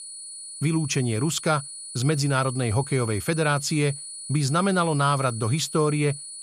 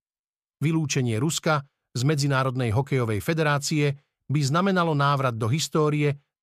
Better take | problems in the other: second | high-pitched whine; noticeable; throughout; 9.5 kHz, 10 dB below the speech

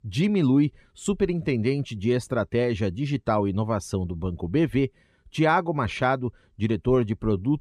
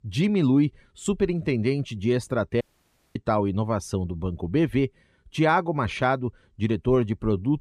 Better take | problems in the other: first | audio cutting out; at 2.5 s for 0.5 s

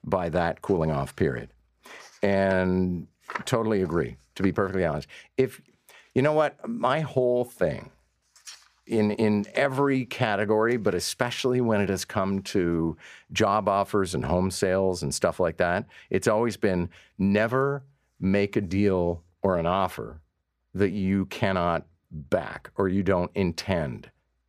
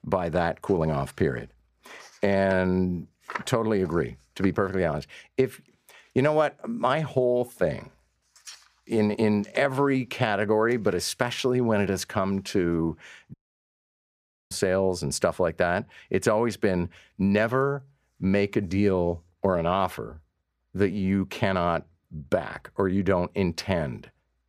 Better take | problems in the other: first | audio cutting out; at 13 s for 1 s

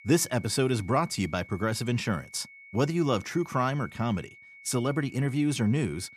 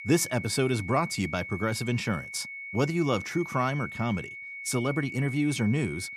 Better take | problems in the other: first | high-pitched whine; loud; throughout; 2 kHz, 9 dB below the speech; faint in the first

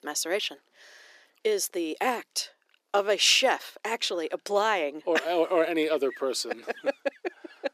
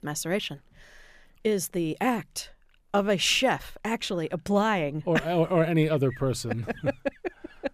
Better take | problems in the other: second | thin; very; fading below 300 Hz

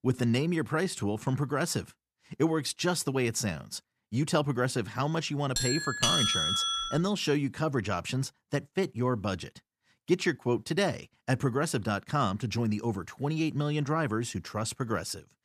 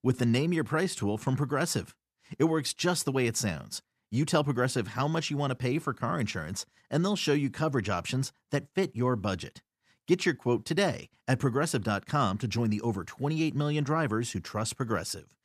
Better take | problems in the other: second | doorbell; loud; from 5.5 to 7 s; peak 6 dB above the speech

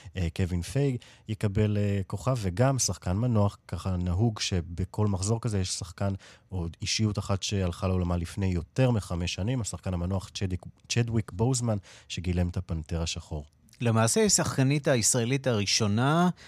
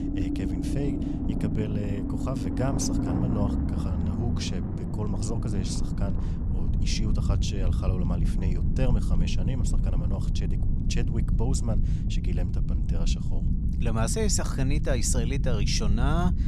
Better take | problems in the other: first | low rumble; loud; throughout; 3 dB below the speech

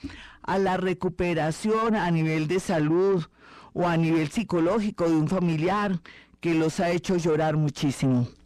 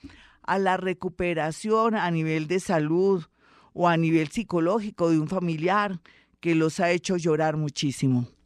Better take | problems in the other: second | distortion; heavy; 8 dB below the speech

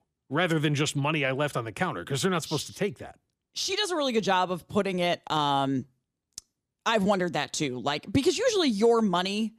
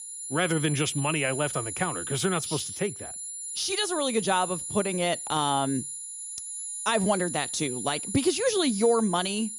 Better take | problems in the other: first | high-pitched whine; loud; throughout; 10.5 kHz, 6 dB below the speech

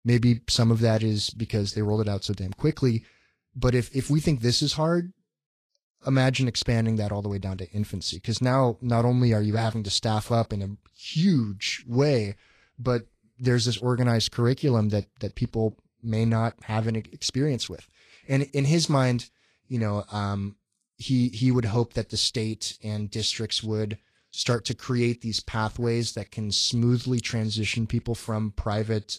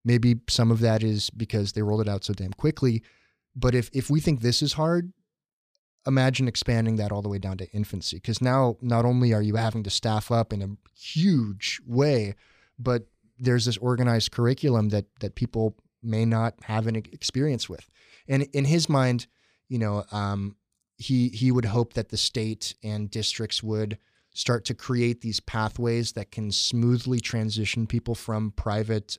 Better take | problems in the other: second | garbled, watery; slightly; nothing above 13 kHz

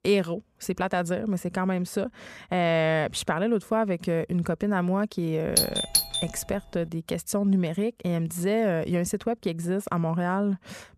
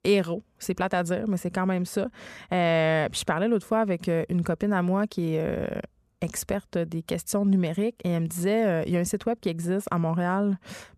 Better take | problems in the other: second | doorbell; loud; at 5.5 s; peak 4 dB above the speech

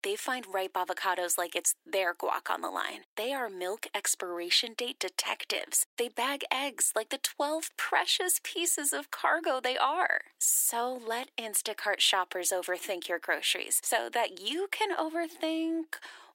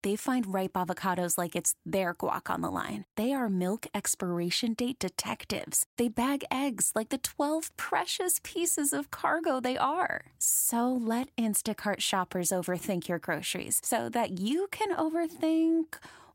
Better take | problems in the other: second | thin; very; fading below 350 Hz

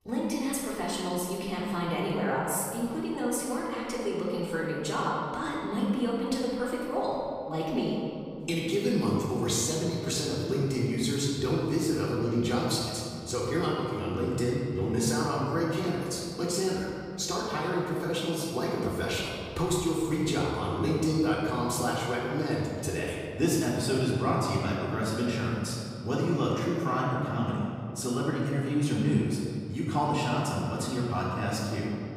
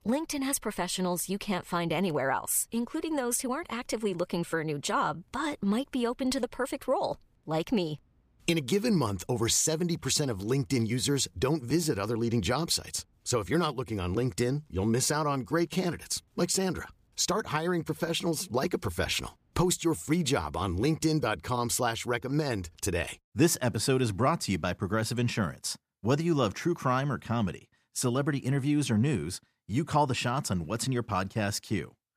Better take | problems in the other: second | off-mic speech; far // room echo; noticeable; dies away in 2.3 s

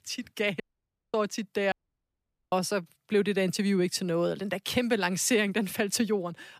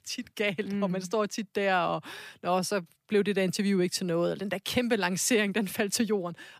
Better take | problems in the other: second | audio cutting out; at 0.5 s for 0.5 s and at 1.5 s for 1 s

